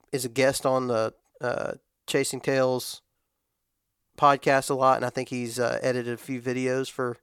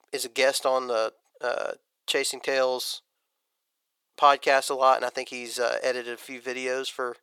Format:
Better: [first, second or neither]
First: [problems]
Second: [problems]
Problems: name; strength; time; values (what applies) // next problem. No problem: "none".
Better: first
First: none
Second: thin; somewhat; fading below 550 Hz